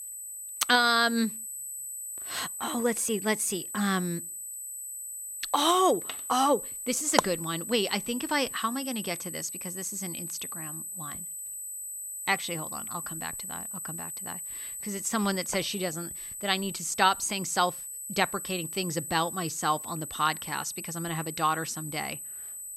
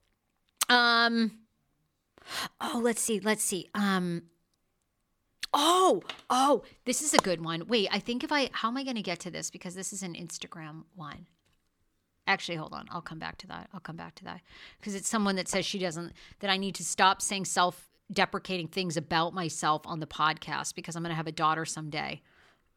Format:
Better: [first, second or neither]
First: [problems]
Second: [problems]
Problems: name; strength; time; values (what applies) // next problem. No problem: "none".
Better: second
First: high-pitched whine; loud; throughout; 8 kHz, 7 dB below the speech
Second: none